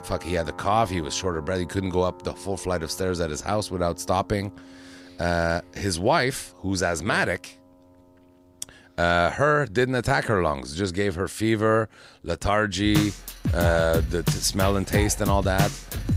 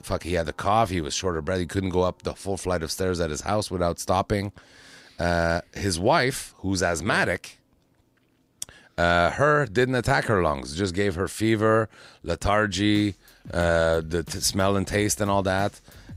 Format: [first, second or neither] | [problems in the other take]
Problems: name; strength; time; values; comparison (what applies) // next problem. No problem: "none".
second | background music; loud; throughout; 6 dB below the speech; faint in the second